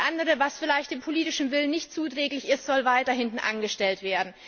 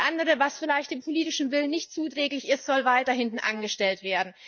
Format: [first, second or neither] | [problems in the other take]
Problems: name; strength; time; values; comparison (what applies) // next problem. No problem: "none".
first | noise reduction (neural mask model DeepFilterNet 3)